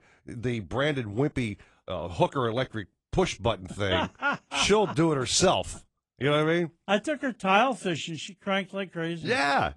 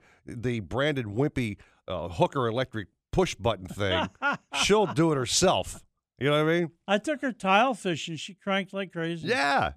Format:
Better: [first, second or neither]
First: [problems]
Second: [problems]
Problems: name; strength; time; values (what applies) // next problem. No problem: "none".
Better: second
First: garbled, watery; slightly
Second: none